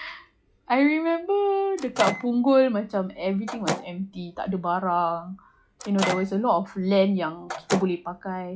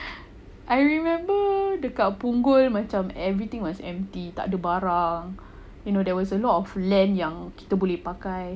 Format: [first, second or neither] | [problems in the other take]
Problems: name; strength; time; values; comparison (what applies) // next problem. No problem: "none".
second | noise reduction (classical method log-MMSE)